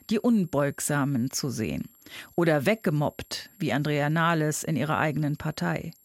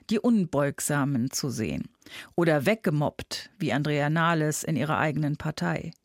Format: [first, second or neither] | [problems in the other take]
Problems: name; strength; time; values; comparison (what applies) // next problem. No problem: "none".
second | high-pitched whine; faint; throughout; 11.5 kHz, 30 dB below the speech